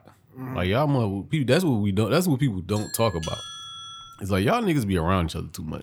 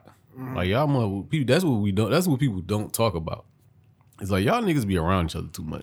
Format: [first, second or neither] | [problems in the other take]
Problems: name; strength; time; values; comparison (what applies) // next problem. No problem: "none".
second | doorbell; faint; from 3 to 4 s; peak 10 dB below the speech